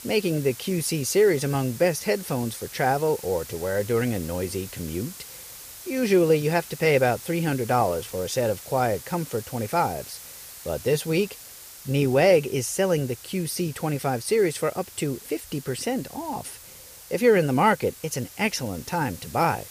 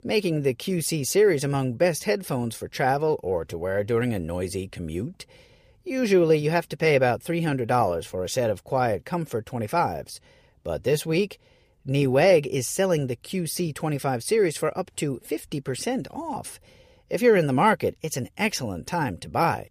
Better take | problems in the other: second | hiss; noticeable; throughout; 15 dB below the speech

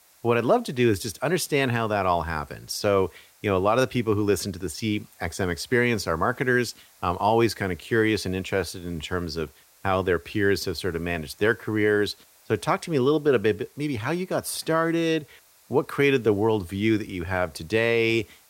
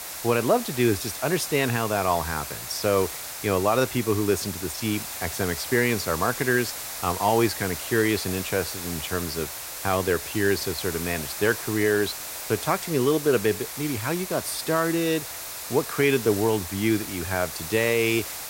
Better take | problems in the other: first | hiss; loud; throughout; 7 dB below the speech; faint in the first

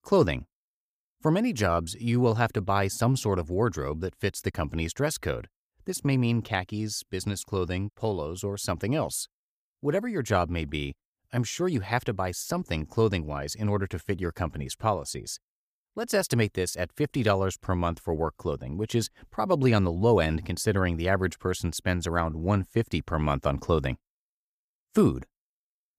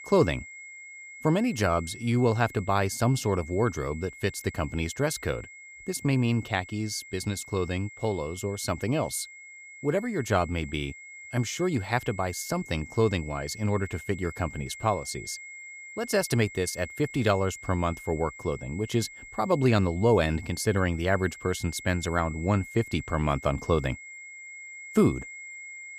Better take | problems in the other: first | high-pitched whine; noticeable; throughout; 2 kHz, 15 dB below the speech

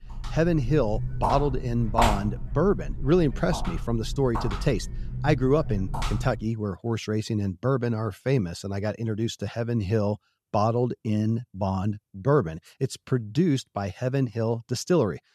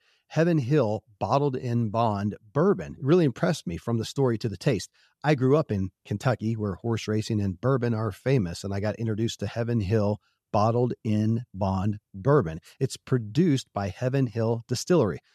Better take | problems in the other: second | footsteps; loud; until 6.5 s; peak 2 dB above the speech

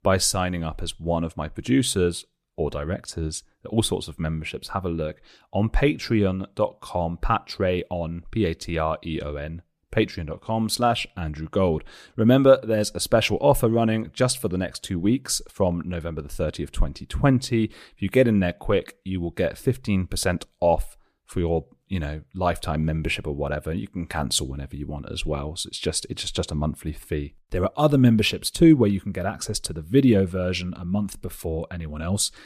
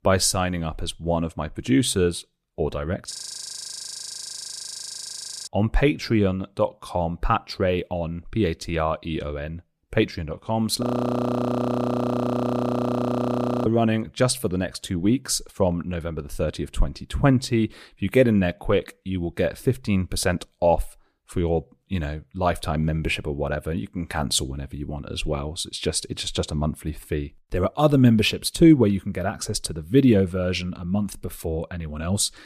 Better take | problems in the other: first | audio freezing; at 3 s for 2.5 s and at 11 s for 3 s

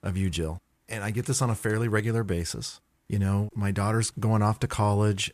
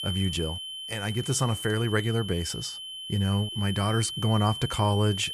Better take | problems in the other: first | high-pitched whine; loud; throughout; 3 kHz, 7 dB below the speech

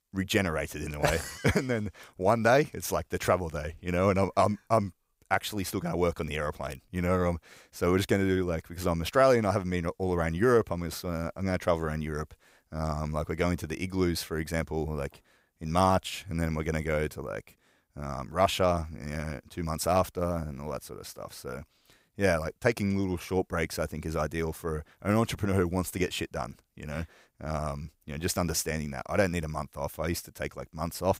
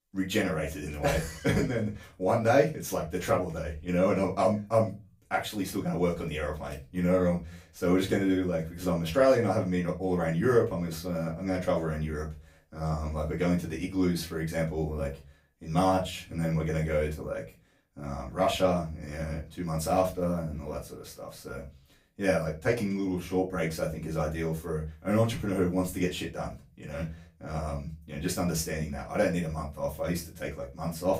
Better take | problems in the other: first | off-mic speech; far // room echo; very slight; dies away in 0.3 s

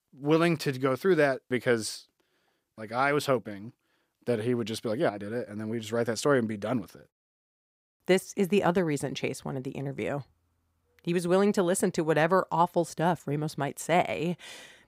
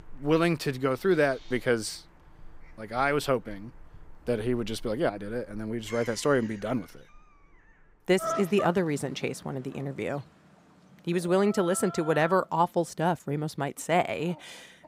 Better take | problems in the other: first | animal sounds; noticeable; throughout; 15 dB below the speech

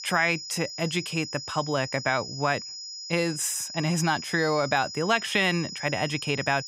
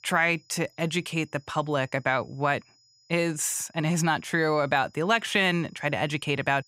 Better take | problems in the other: second | high-pitched whine; loud; throughout; 5 kHz, 9 dB below the speech; faint in the second

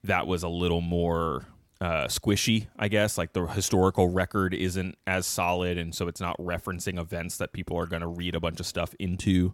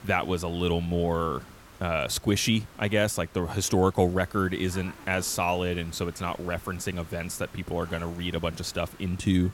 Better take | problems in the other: first | hiss; faint; throughout; 20 dB below the speech

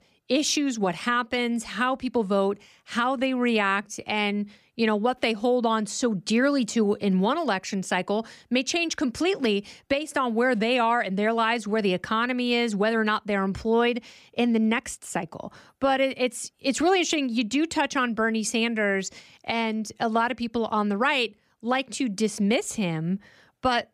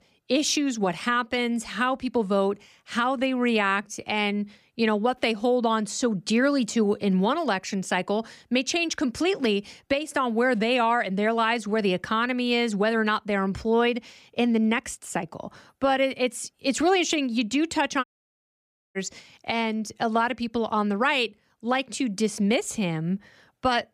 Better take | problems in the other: first | audio cutting out; at 18 s for 1 s

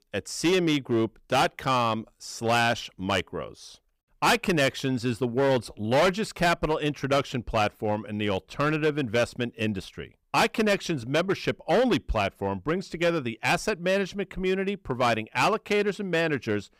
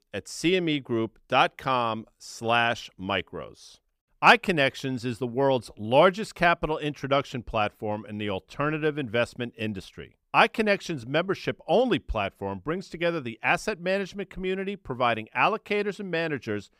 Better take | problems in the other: second | distortion; heavy; 7% of the sound clipped

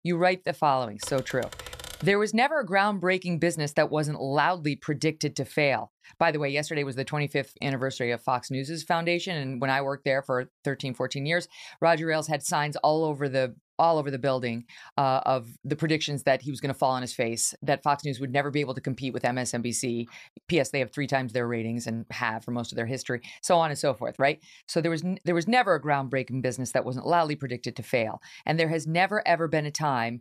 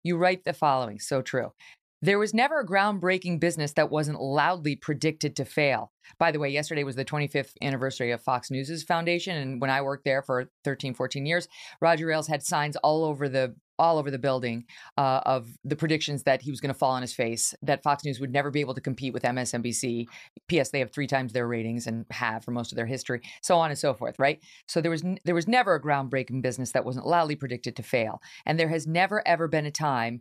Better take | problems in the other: second | keyboard typing; faint; from 1 to 2 s; peak 10 dB below the speech

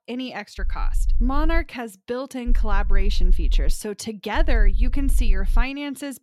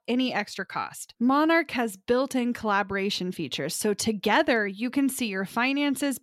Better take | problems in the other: second | low rumble; faint; from 0.5 to 1.5 s, from 2.5 to 3.5 s and from 4.5 to 5.5 s; 20 dB below the speech

